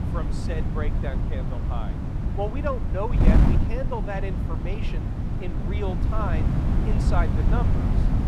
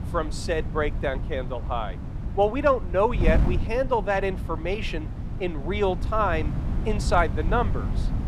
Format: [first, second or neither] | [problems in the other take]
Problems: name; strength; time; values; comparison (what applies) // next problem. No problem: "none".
second | wind noise on the microphone; heavy; 2 dB below the speech; occasional gusts in the second